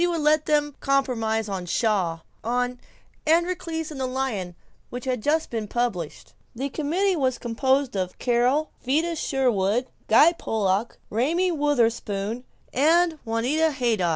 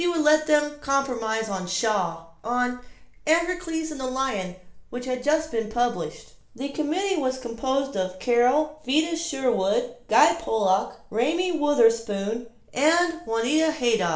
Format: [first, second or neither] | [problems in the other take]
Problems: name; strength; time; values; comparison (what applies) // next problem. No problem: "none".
first | room echo; dies away in 0.4 s